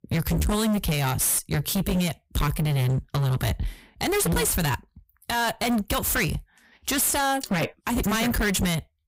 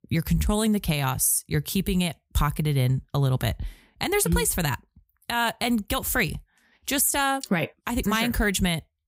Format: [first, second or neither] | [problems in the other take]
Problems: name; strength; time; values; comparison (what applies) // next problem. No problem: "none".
second | distortion; heavy; 28% of the sound clipped